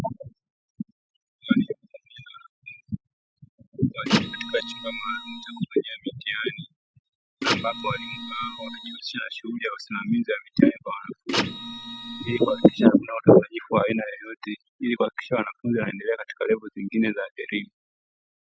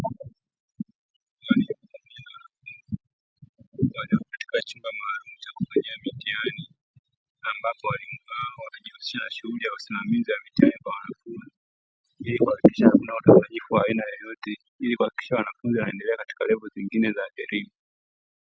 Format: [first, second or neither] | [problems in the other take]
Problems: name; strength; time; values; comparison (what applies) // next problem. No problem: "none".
second | noise reduction (classical method Wiener filter)